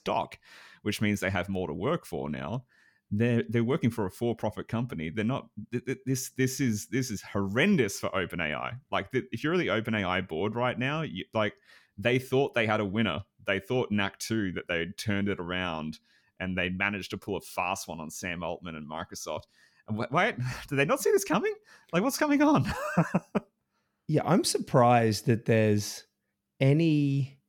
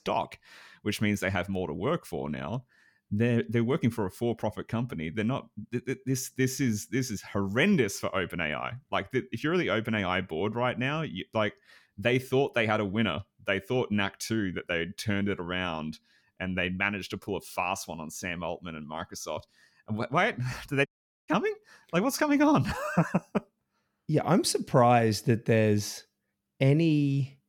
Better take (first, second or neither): first